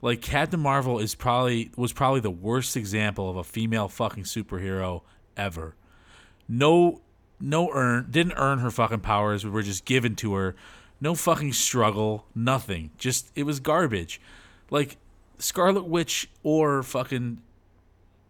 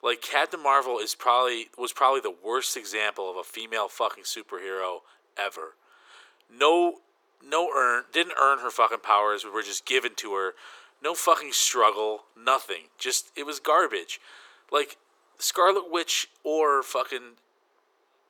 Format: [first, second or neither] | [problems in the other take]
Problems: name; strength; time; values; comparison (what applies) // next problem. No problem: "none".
first | thin; very; fading below 400 Hz